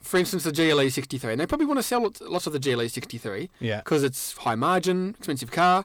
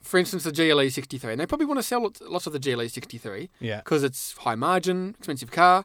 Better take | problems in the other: second | distortion; slight; 10 dB below the speech

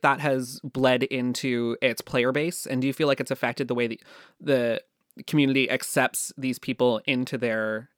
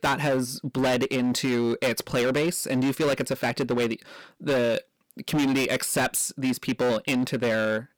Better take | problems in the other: first | distortion; heavy; 18% of the sound clipped

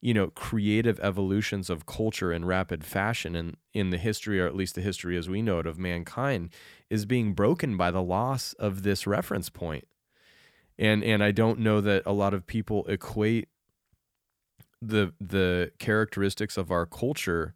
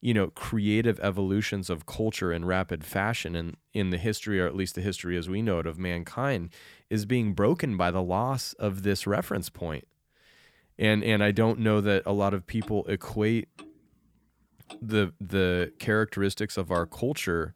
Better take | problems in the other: first | household noises; faint; throughout; 25 dB below the speech

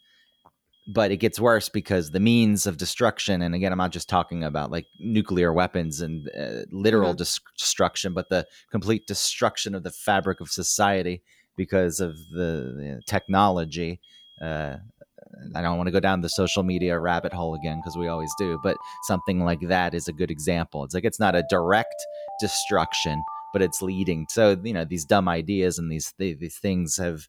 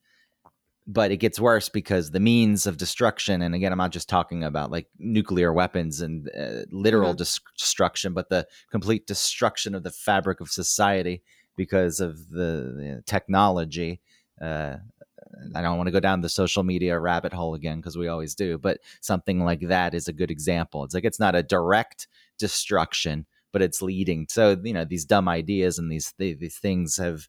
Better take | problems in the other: second | alarms or sirens; noticeable; throughout; 15 dB below the speech

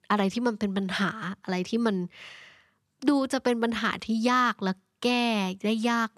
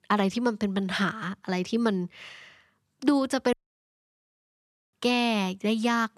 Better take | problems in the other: first | audio cutting out; at 3.5 s for 1.5 s

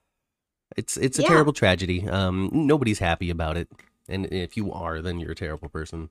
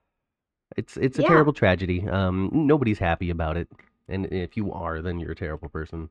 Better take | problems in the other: first | muffled; very; fading above 2.5 kHz

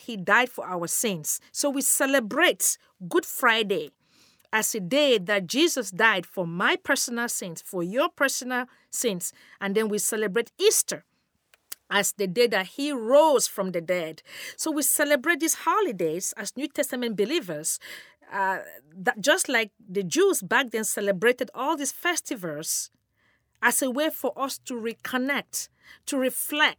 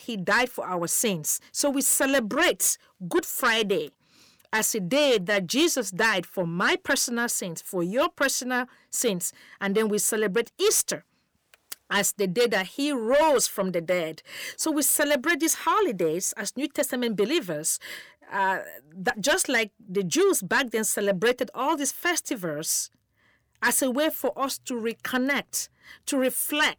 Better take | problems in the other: first | distortion; slight; 10 dB below the speech

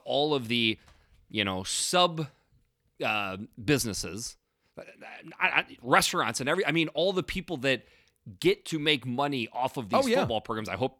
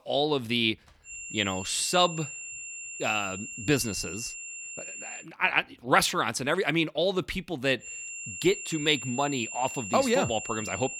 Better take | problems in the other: first | high-pitched whine; loud; from 1 to 5 s and from 8 s on; 2.5 kHz, 9 dB below the speech

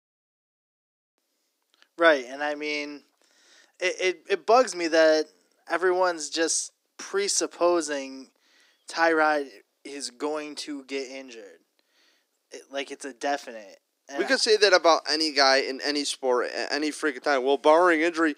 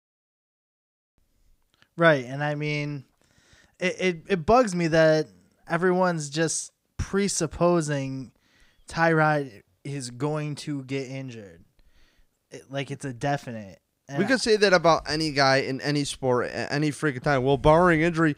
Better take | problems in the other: second | thin; somewhat; fading below 300 Hz

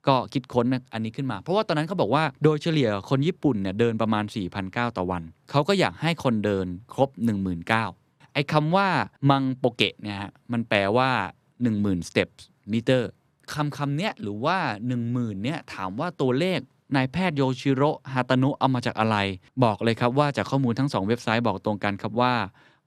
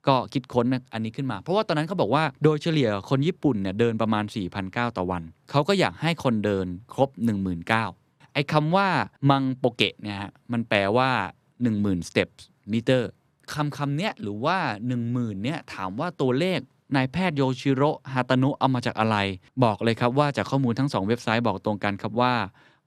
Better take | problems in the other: neither | none

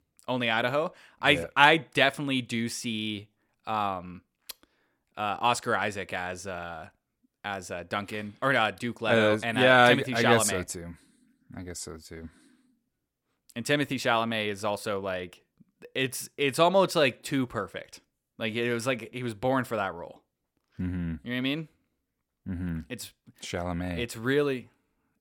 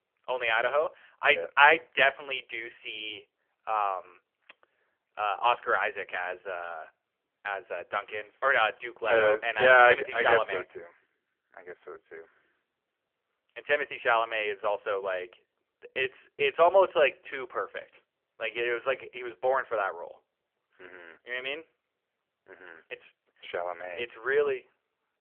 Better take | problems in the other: first | phone-call audio; poor line; nothing above 3 kHz

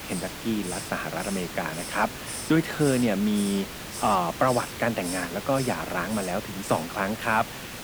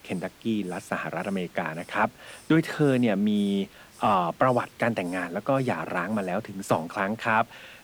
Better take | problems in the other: second | hiss; loud; throughout; 8 dB below the speech; faint in the second

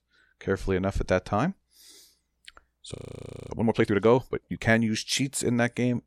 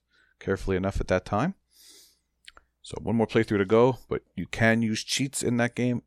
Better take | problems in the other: second | audio freezing; at 3 s for 0.5 s

